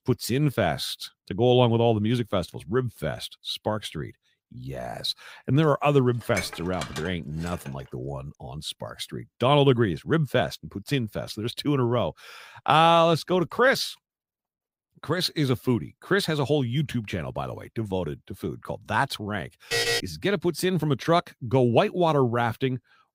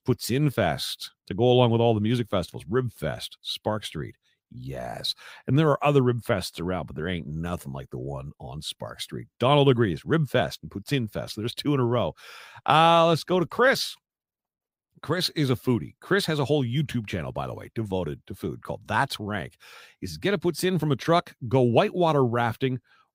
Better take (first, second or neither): second